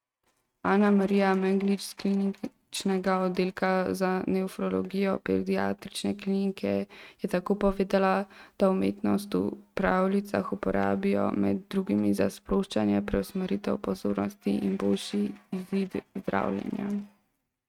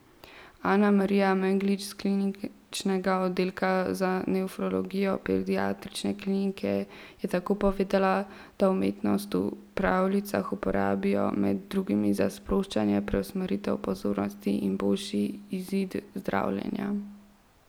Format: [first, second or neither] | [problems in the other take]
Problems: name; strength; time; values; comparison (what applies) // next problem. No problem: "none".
second | noise reduction (neural mask model RNNoise)